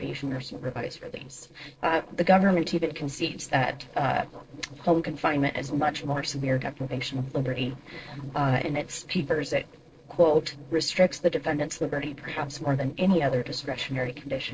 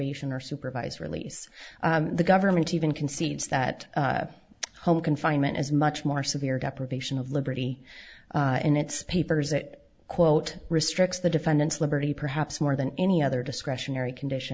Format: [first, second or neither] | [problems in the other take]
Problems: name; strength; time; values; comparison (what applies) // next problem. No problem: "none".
second | noise reduction (neural separator model SepFormer DNS4)